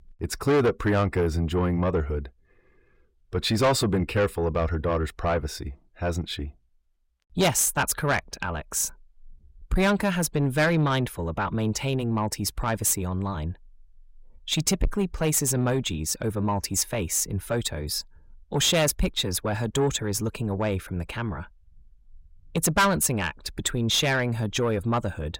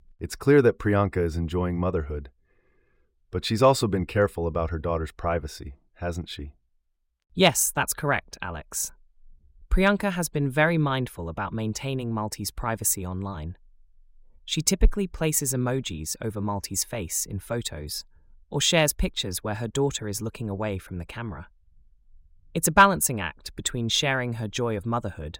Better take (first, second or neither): second